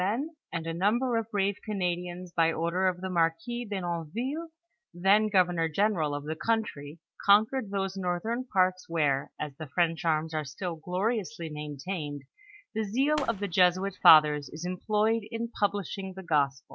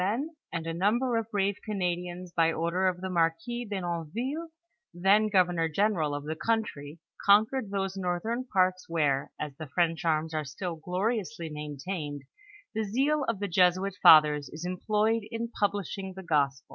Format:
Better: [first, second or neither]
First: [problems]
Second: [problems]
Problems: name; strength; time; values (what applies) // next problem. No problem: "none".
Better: second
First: background sound (Fireworks); 17 dB below the speech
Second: none